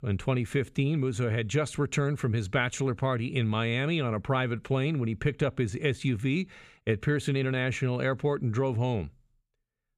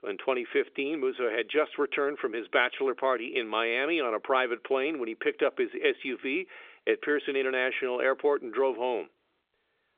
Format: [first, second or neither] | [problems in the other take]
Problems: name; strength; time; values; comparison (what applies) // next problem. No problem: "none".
first | phone-call audio; nothing above 3.5 kHz